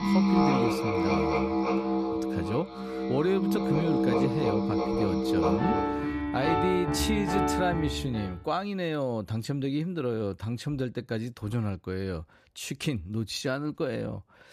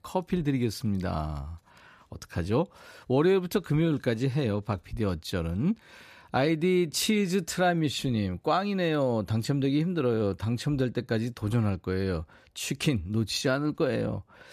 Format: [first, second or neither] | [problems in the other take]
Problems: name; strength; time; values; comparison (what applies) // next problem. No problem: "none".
second | background music; very loud; until 8 s; 4 dB above the speech